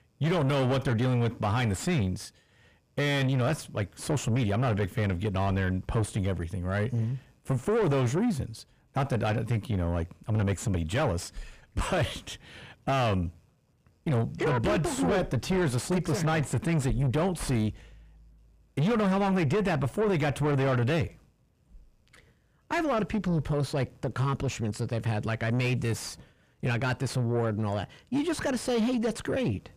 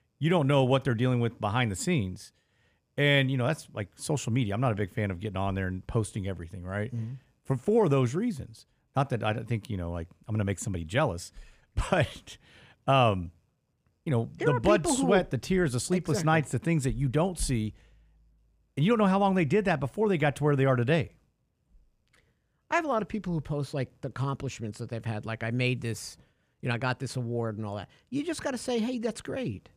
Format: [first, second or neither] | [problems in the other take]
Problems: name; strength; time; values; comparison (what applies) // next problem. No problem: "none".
second | distortion; heavy; 5 dB below the speech